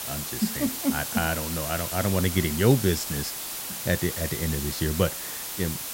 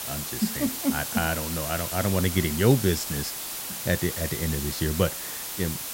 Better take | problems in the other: neither | hiss; loud; throughout; 4 dB below the speech; the same in both

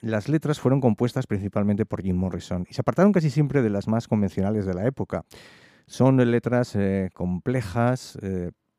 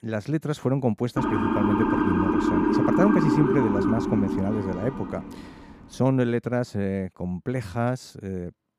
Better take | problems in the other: first | siren; loud; from 1 to 5.5 s; peak 6 dB above the speech

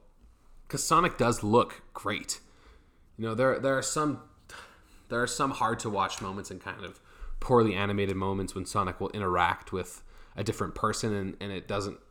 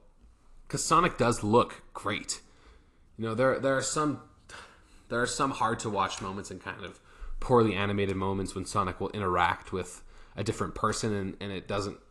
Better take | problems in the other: first | garbled, watery; slightly; nothing above 11 kHz

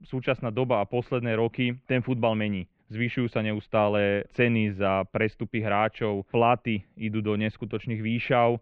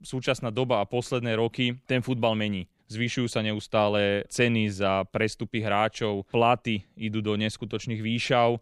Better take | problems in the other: second | muffled; very; fading above 2.5 kHz

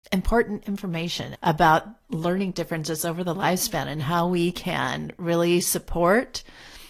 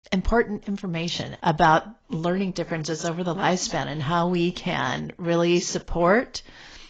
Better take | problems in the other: first | garbled, watery; badly; slightly in the first

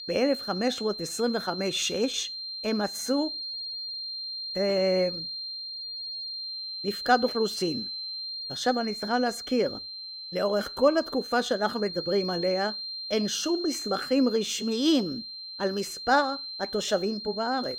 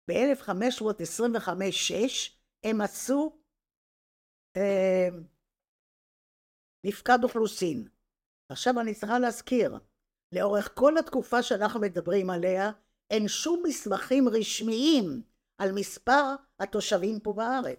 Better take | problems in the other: second | high-pitched whine; loud; throughout; 4 kHz, 6 dB below the speech

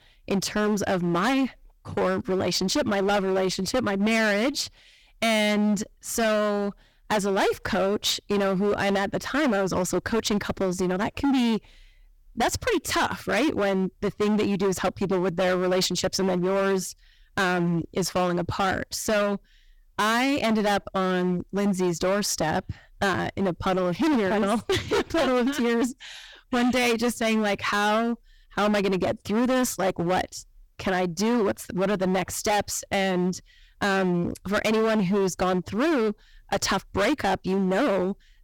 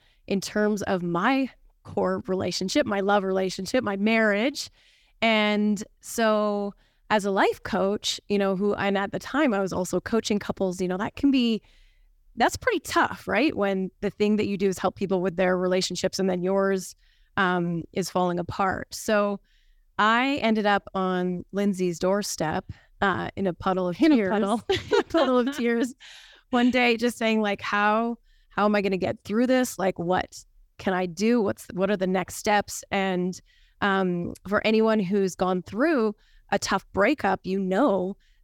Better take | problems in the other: second | distortion; heavy; 19% of the sound clipped

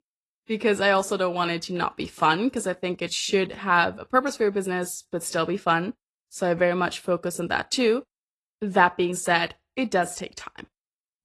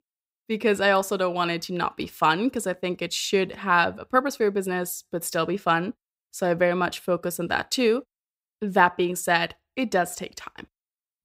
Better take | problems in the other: second | garbled, watery; slightly; nothing above 12 kHz

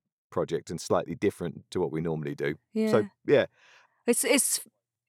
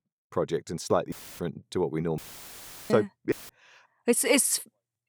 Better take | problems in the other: first | audio cutting out; filled with static; at 1 s, at 2 s for 0.5 s and at 3.5 s

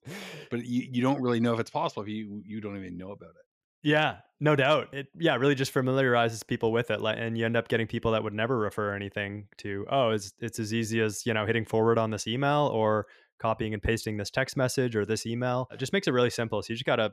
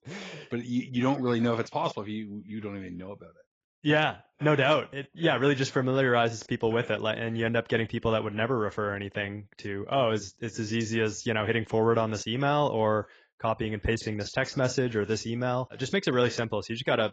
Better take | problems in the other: first | garbled, watery; badly; nothing above 7.5 kHz

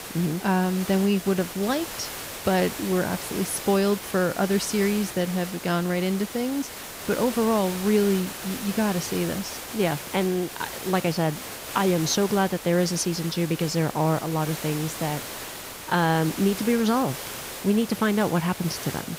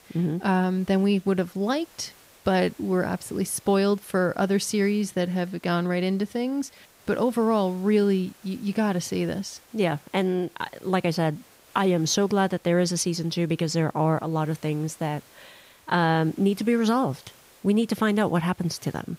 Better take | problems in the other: second | hiss; loud; throughout; 9 dB below the speech; faint in the second

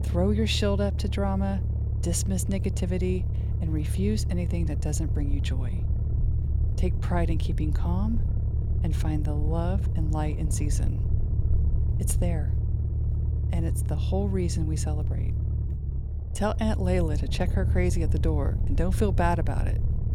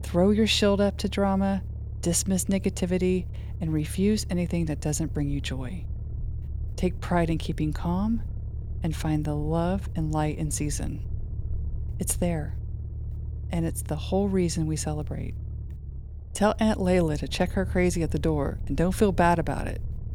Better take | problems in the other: second | low rumble; loud; throughout; 10 dB below the speech; faint in the second

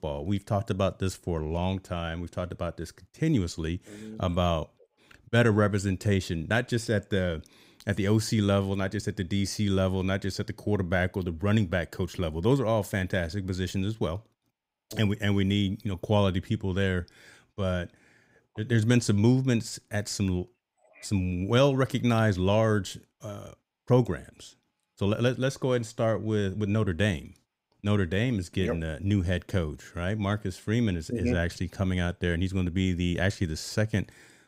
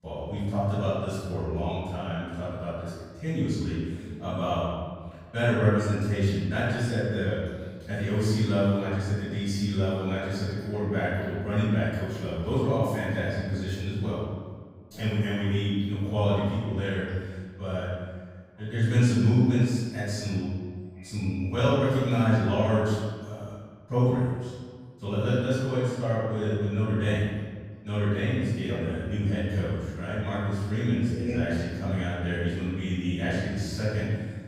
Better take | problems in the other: first | off-mic speech; far // room echo; strong; dies away in 1.4 s

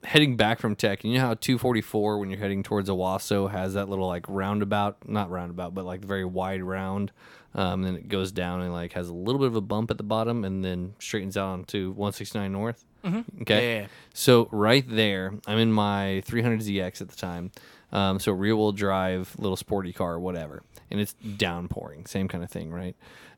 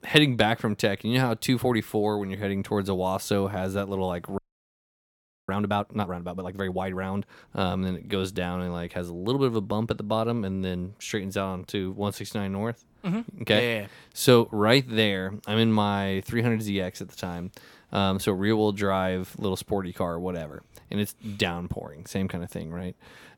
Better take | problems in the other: first | audio freezing; at 4.5 s for 1 s

